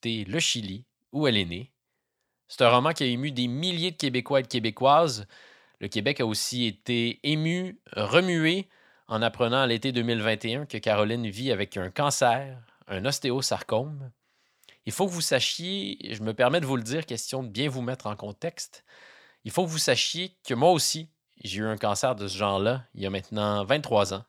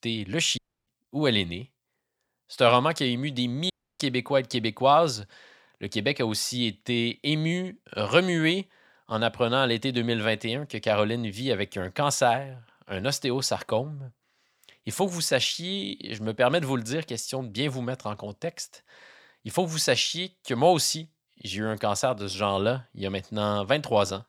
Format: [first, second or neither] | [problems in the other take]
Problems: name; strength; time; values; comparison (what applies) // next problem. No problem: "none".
first | audio cutting out; at 0.5 s and at 3.5 s